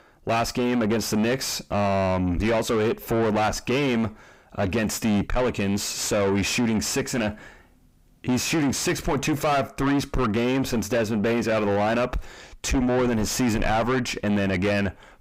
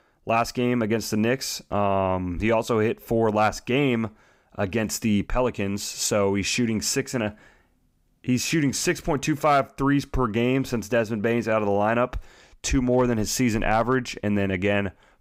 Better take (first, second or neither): second